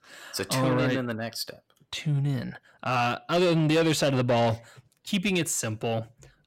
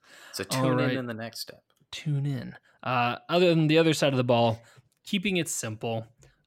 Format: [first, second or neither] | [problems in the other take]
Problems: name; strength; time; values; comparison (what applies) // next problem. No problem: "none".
second | distortion; slight; 10 dB below the speech